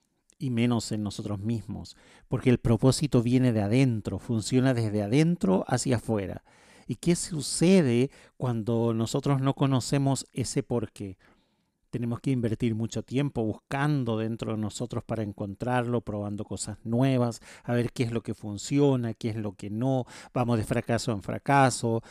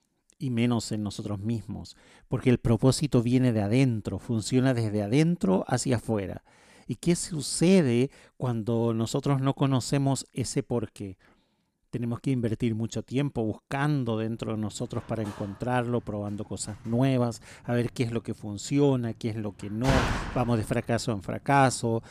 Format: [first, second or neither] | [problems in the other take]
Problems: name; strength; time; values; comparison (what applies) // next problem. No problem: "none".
first | door banging; loud; from 15 to 20 s; peak 1 dB above the speech